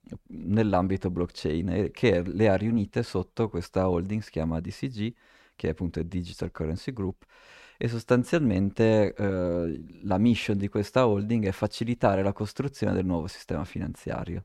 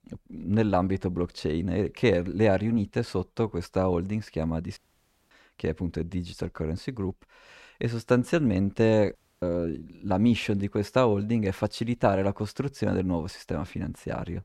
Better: first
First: none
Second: audio cutting out; at 5 s for 0.5 s and at 9 s

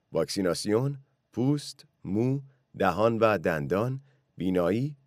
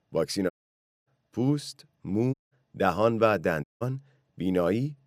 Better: first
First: none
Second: audio cutting out; at 0.5 s for 0.5 s, at 2.5 s and at 3.5 s

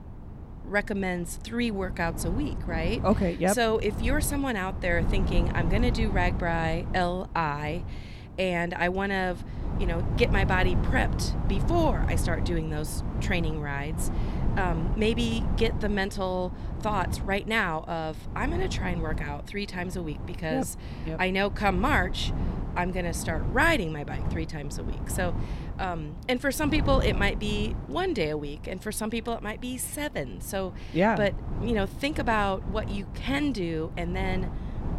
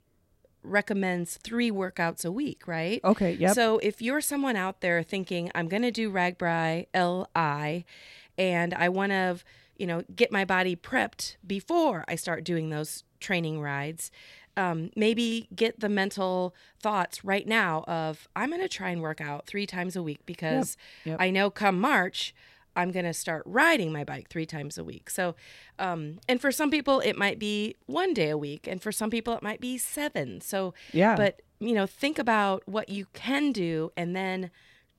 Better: second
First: wind noise on the microphone; occasional gusts; 15 dB below the speech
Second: none

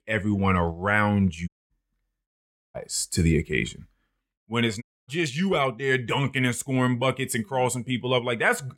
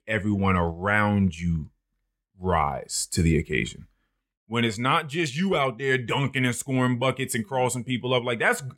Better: second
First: audio cutting out; at 1.5 s, at 2.5 s and at 5 s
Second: none

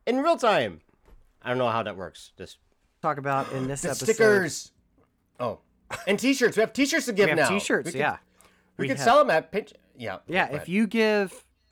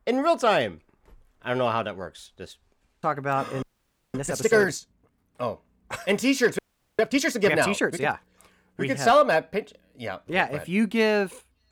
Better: first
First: none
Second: audio freezing; at 3.5 s for 0.5 s and at 6.5 s

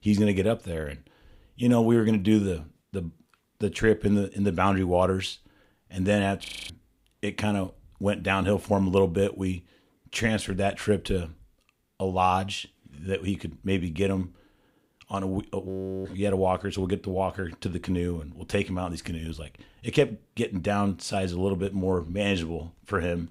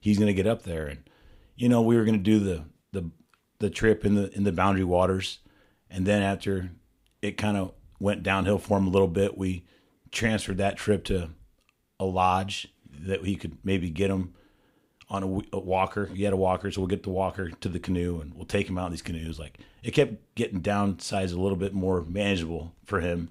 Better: second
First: audio freezing; at 6.5 s and at 16 s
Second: none

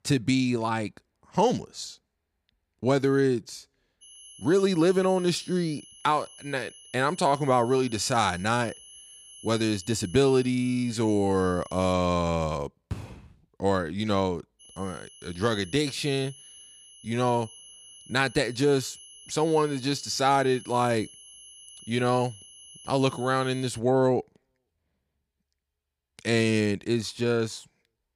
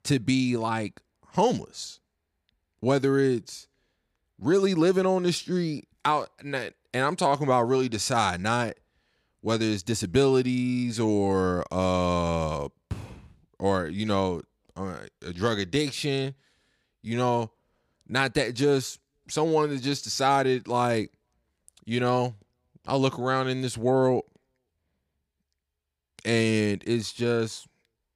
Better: second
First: high-pitched whine; noticeable; from 4 to 12 s and from 15 to 24 s; 3 kHz, 20 dB below the speech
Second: none

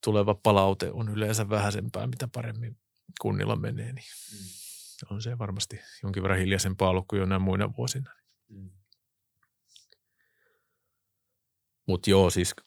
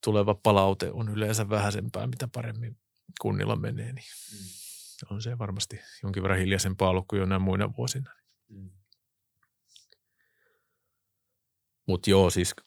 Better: neither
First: none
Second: none

